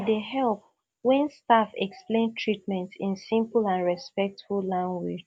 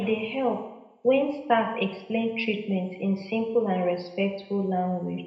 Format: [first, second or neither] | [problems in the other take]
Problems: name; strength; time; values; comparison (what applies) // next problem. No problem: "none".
first | room echo; dies away in 0.8 s